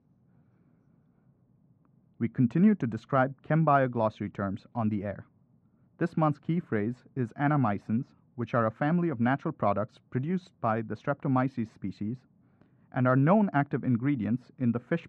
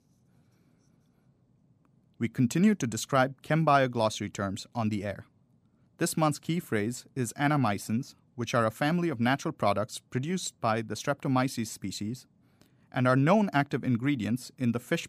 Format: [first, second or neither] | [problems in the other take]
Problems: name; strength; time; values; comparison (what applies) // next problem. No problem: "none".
second | muffled; very; fading above 1.5 kHz